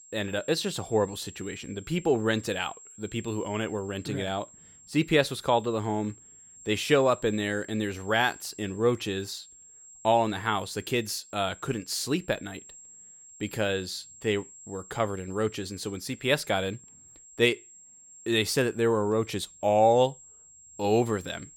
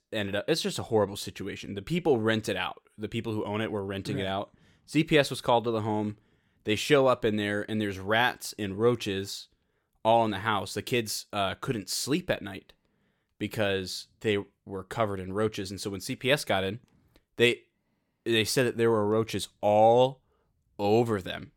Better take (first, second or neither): second